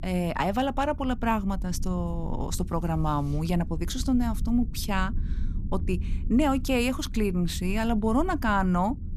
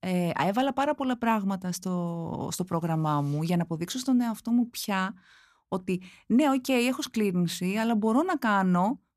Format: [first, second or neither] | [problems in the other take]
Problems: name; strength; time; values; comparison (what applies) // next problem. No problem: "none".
second | low rumble; faint; throughout; 20 dB below the speech